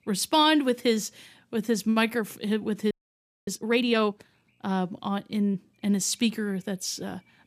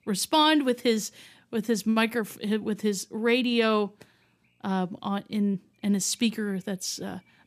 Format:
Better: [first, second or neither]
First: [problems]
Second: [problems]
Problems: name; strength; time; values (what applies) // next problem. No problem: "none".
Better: second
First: audio freezing; at 3 s for 0.5 s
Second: none